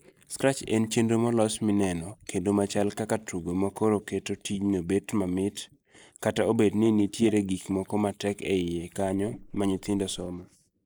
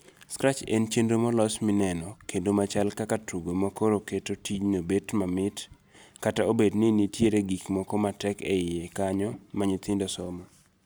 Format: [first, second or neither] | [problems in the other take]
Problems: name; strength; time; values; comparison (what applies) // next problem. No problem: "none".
second | noise reduction (neural mask model Resemble Enhance denoiser)